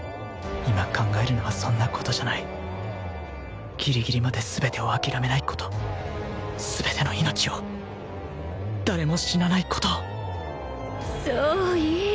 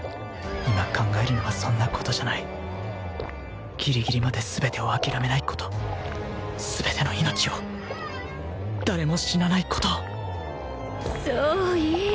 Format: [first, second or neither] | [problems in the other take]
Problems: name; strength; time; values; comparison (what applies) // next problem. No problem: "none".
first | background sound (Liquid + Squeak); 15 dB below the speech